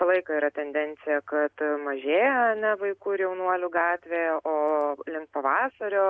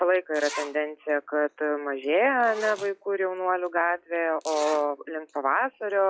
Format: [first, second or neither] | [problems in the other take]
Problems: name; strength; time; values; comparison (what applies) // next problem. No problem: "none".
first | noise reduction (classical method log-MMSE)